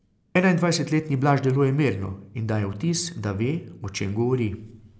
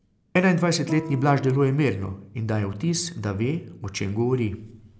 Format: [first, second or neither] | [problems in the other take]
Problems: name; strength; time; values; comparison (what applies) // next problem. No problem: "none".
first | background sound (Guitar); 12 dB below the speech